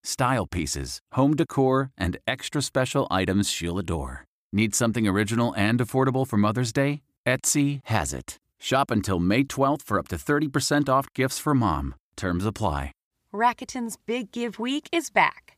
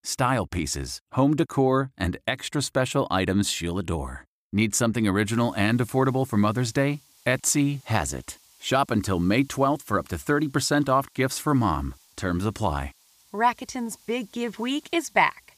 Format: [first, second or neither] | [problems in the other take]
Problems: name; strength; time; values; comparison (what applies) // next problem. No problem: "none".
first | hiss; faint; from 5.5 s on; 30 dB below the speech